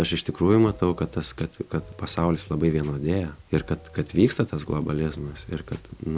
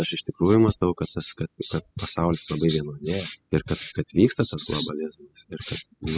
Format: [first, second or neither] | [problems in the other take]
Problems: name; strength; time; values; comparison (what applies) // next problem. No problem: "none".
first | noise reduction (classical method spectral subtraction)